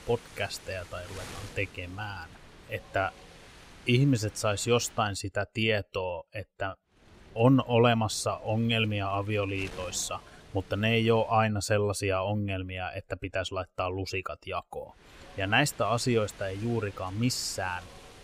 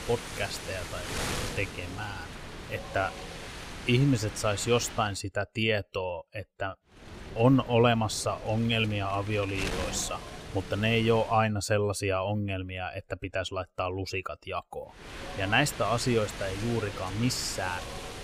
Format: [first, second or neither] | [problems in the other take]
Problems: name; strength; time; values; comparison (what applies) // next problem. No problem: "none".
first | wind noise on the microphone; heavy; until 5 s, from 7 to 11 s and from 15 s on; 9 dB below the speech; occasional gusts in the first